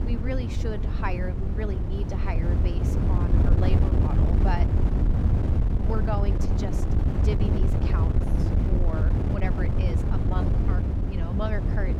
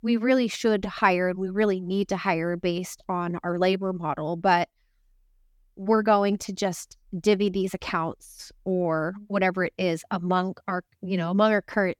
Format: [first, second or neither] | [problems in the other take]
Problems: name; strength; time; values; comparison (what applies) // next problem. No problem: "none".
second | wind noise on the microphone; heavy; as loud as the speech